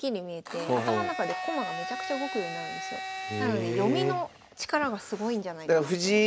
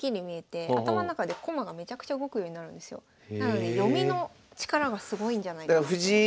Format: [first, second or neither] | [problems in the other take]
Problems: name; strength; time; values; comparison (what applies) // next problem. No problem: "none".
second | background sound (Domestic sounds, home sounds); 9 dB below the speech